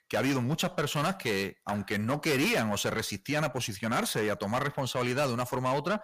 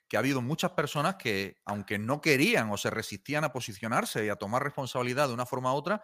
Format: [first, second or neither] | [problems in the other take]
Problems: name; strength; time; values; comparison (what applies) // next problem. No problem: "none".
second | distortion; heavy; 7 dB below the speech